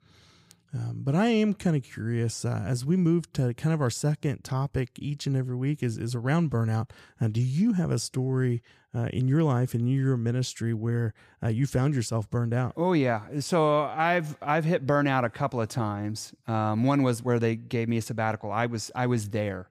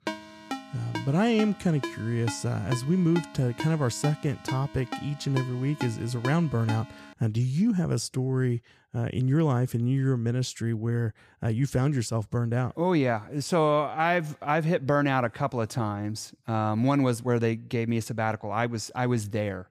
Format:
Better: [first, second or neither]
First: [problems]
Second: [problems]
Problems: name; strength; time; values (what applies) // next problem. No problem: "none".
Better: first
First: none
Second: phone ringing; noticeable; until 7 s; peak 9 dB below the speech